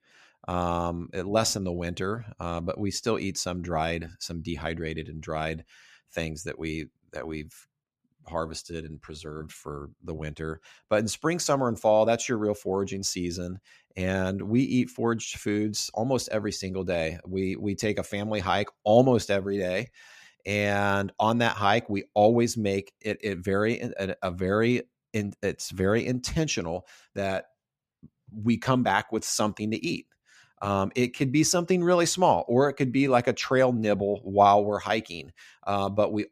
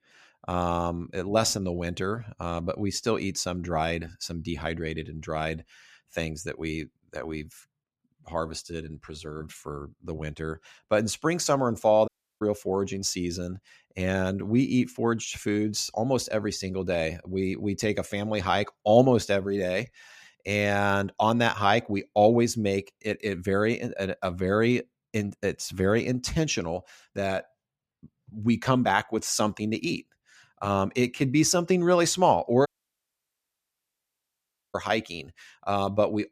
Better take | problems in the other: first | audio cutting out; at 12 s and at 33 s for 2 s

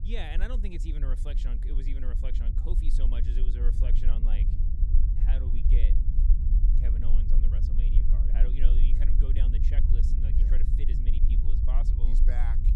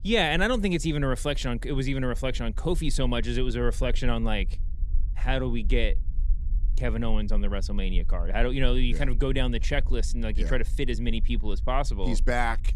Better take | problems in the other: second | low rumble; loud; throughout; 2 dB below the speech; faint in the second

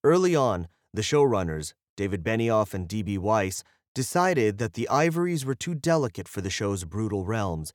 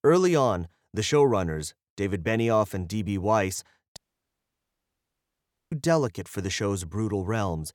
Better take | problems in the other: first | audio cutting out; at 4 s for 1.5 s

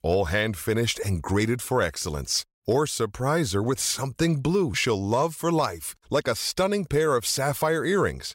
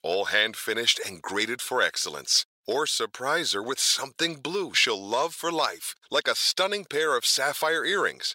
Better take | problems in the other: first | thin; very; fading below 400 Hz

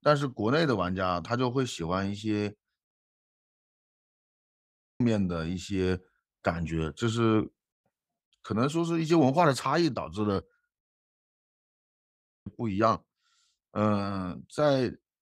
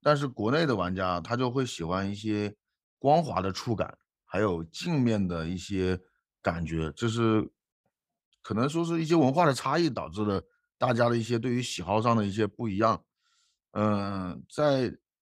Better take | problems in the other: second | audio cutting out; at 3 s for 2 s and at 11 s for 1.5 s

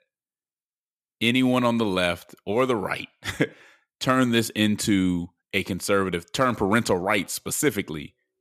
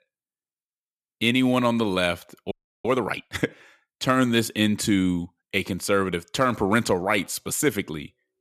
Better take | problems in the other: first | audio freezing; at 2.5 s

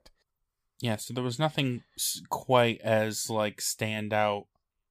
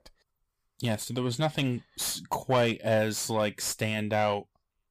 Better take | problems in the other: first | distortion; slight; 10 dB below the speech

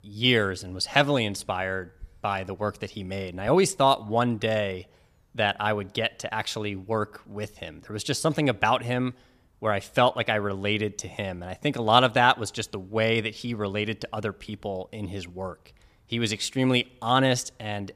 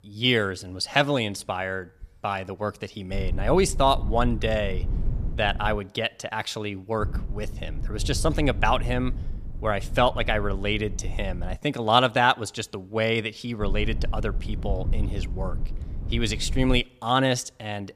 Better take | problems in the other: first | low rumble; faint; from 3 to 6 s, from 7 to 12 s and from 14 to 17 s; 20 dB below the speech

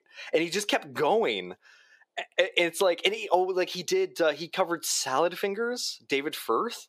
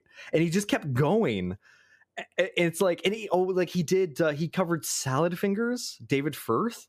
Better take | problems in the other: second | thin; somewhat; fading below 450 Hz

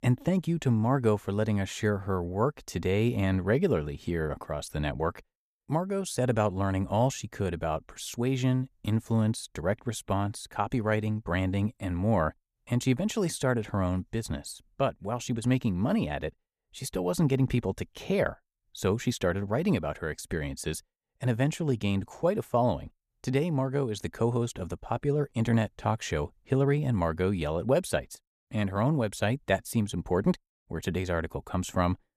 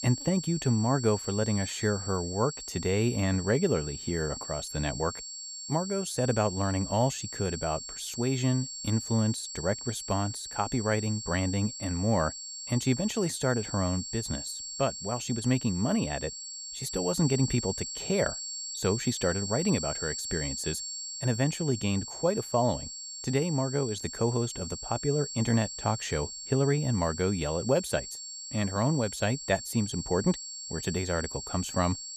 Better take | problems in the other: first | high-pitched whine; loud; throughout; 7.5 kHz, 7 dB below the speech

